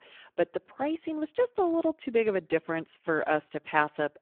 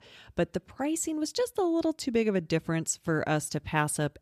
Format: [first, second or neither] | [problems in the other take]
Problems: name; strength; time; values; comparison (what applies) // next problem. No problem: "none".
second | phone-call audio; poor line